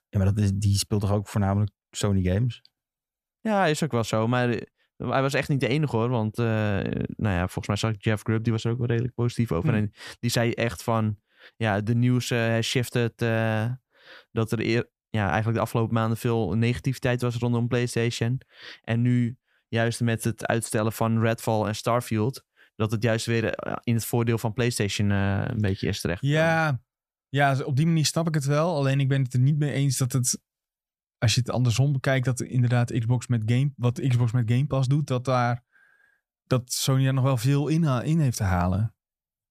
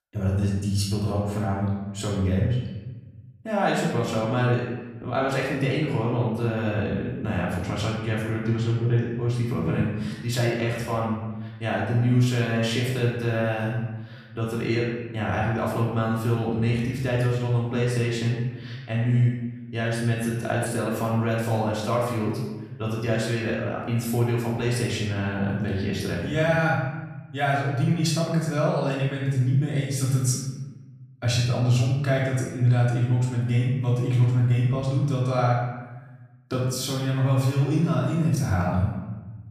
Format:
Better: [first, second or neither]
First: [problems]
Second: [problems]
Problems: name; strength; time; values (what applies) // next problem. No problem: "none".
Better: first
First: none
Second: off-mic speech; far // room echo; noticeable; dies away in 1 s